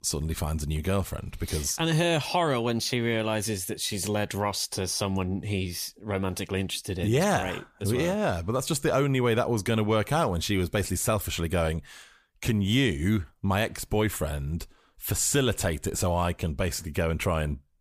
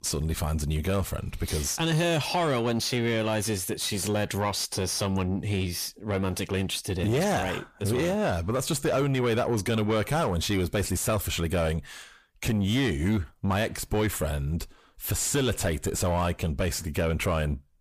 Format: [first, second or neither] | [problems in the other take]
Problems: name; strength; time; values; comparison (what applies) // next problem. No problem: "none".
first | distortion; slight; 10 dB below the speech